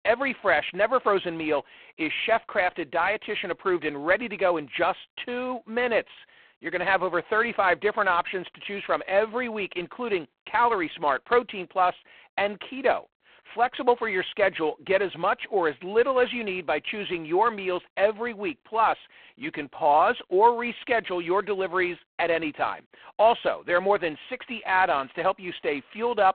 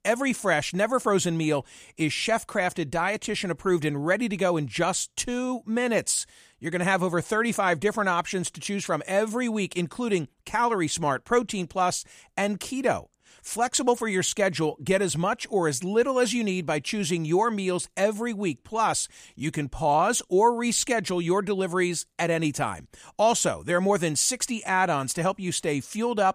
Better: second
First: phone-call audio; poor line; nothing above 3.5 kHz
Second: none

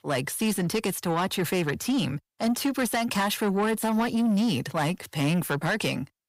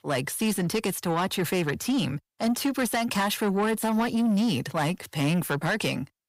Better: neither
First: distortion; slight; 10 dB below the speech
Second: distortion; slight; 10 dB below the speech

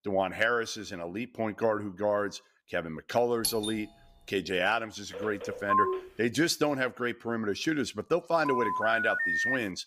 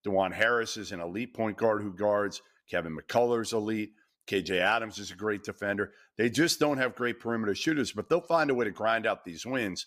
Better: second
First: doorbell; noticeable; at 3.5 s; peak 1 dB below the speech // phone ringing; loud; at 5 s and from 8.5 s on; peak 4 dB above the speech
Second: none

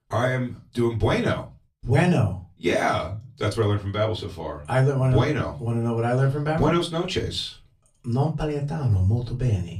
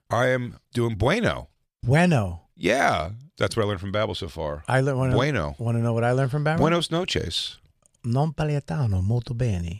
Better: second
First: off-mic speech; far // room echo; very slight; dies away in 0.2 s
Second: none

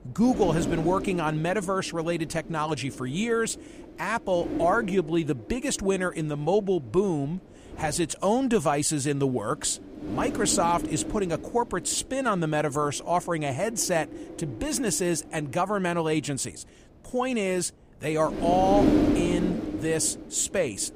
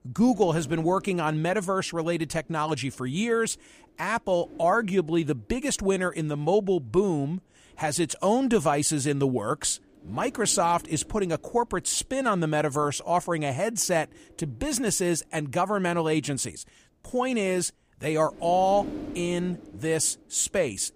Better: second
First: wind noise on the microphone; heavy; 8 dB below the speech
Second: wind noise on the microphone; occasional gusts; 25 dB below the speech

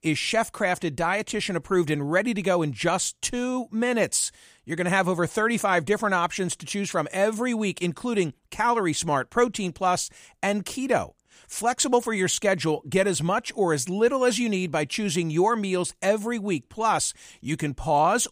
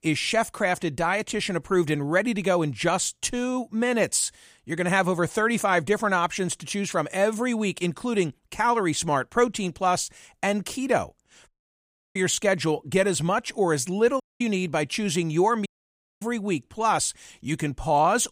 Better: first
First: none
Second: audio cutting out; at 11 s for 0.5 s, at 14 s and at 16 s for 0.5 s

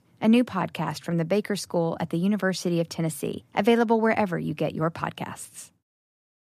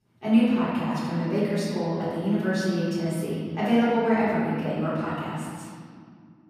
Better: first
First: none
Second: off-mic speech; far // room echo; strong; dies away in 2 s

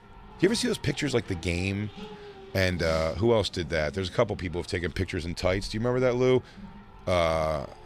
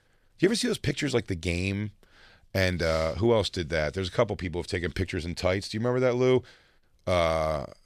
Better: second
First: traffic noise; noticeable; throughout; 20 dB below the speech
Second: none

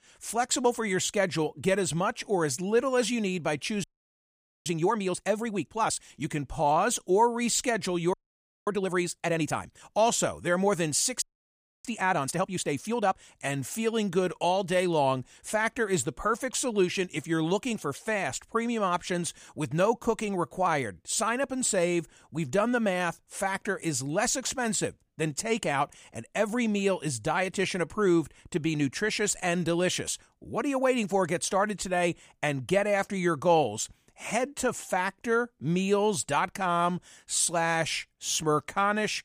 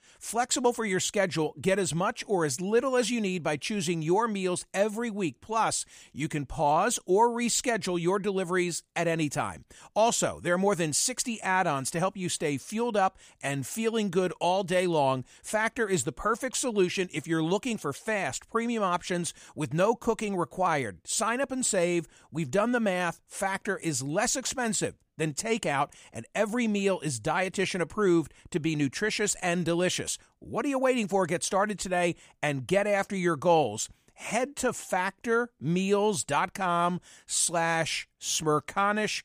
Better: second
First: audio freezing; at 4 s for 1 s, at 8 s for 0.5 s and at 11 s for 0.5 s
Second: none

